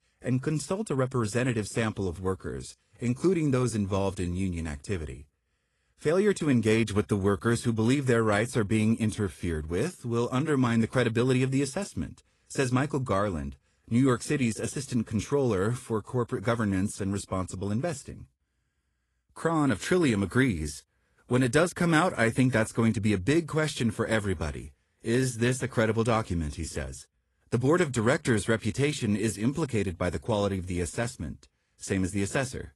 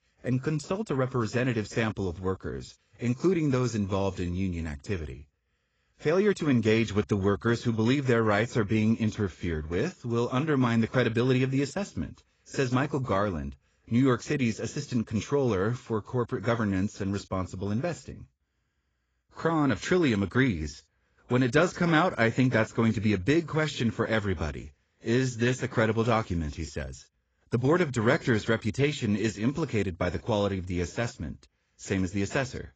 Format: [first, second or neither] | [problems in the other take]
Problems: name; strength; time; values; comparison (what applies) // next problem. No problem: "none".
first | garbled, watery; badly; nothing above 7.5 kHz; slightly in the first